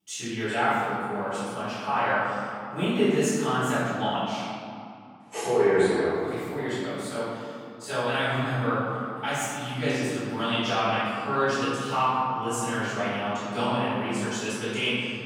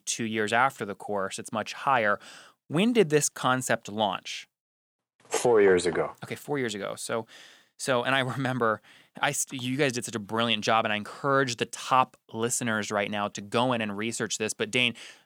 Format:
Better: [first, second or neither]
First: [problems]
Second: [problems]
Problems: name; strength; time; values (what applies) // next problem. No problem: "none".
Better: second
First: off-mic speech; far // room echo; strong; dies away in 2.4 s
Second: none